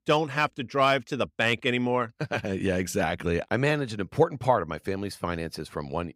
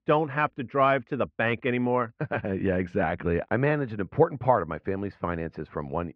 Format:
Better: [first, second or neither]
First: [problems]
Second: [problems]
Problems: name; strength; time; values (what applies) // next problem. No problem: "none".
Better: first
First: none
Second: muffled; very; fading above 2 kHz